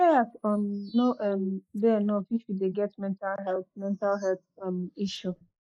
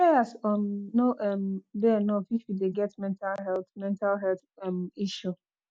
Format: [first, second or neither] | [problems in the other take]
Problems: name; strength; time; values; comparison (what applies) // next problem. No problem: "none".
second | noise reduction (neural mask model Resemble Enhance denoiser)